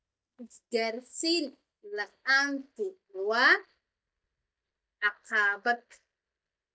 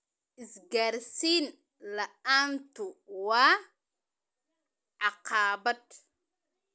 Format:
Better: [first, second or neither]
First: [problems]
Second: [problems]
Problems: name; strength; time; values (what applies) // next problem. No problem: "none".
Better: second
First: noise reduction (neural mask model DeepFilterNet 3)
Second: none